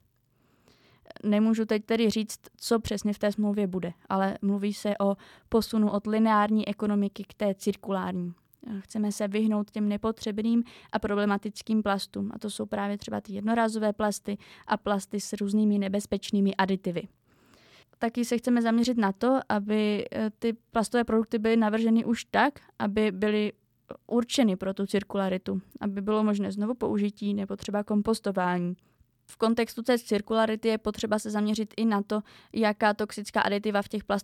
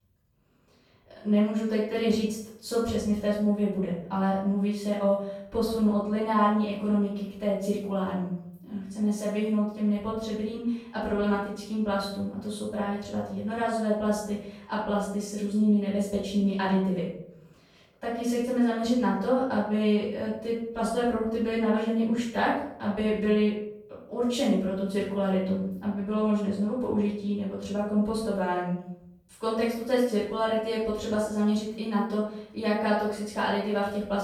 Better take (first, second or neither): first